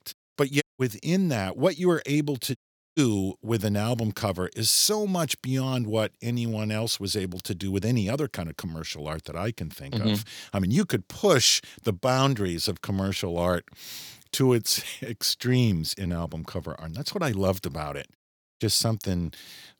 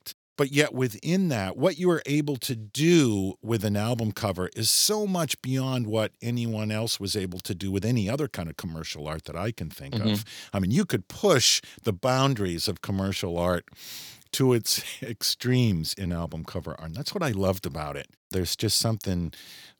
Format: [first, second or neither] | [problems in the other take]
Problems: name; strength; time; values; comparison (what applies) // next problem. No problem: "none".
second | audio cutting out; at 0.5 s, at 2.5 s and at 18 s